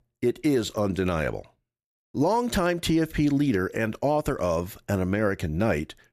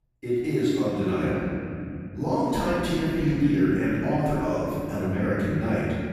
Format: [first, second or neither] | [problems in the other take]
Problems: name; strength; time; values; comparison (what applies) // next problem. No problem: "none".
first | off-mic speech; far // room echo; strong; dies away in 3 s